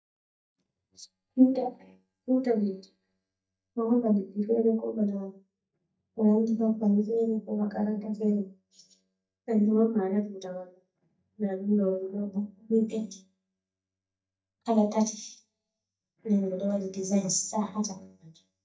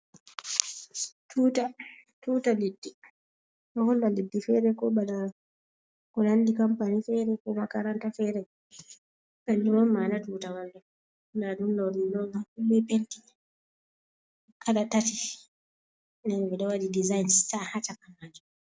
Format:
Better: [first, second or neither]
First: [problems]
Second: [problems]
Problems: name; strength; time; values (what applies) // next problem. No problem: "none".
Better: second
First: noise reduction (neural mask model DeepFilterNet 3)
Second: none